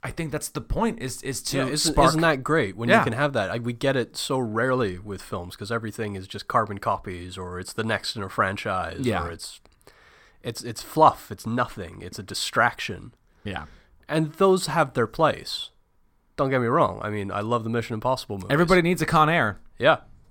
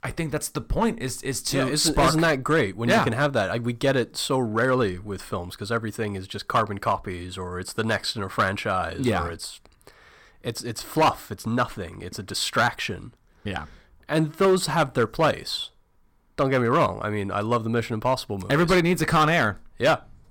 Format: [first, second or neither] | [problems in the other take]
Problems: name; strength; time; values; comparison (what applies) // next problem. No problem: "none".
first | distortion; slight; 3% of the sound clipped